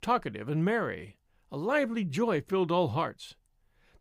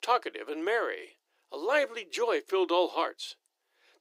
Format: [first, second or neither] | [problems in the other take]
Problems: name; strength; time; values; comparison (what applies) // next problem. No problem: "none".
first | thin; very; fading below 350 Hz